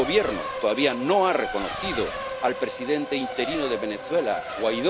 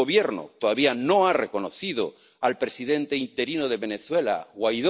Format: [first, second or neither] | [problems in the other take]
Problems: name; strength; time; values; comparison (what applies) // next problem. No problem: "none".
second | background sound (Race car, auto racing); 7 dB below the speech